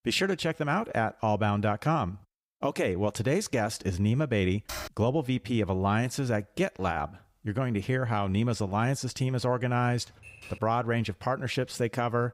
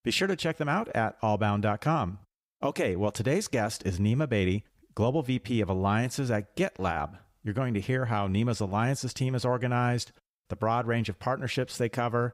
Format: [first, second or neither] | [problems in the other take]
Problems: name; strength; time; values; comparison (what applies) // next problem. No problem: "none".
second | keyboard typing; noticeable; at 4.5 s; peak 9 dB below the speech // keyboard typing; faint; at 10 s; peak 15 dB below the speech